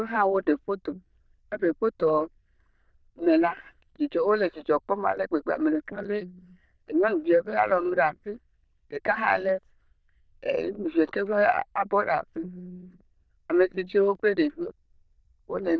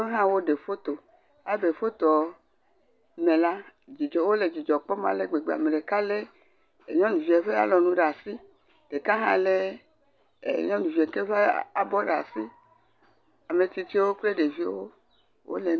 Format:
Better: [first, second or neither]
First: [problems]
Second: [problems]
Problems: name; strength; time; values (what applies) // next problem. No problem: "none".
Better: second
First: noise reduction (neural diffusion model UNIVERSE++)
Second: none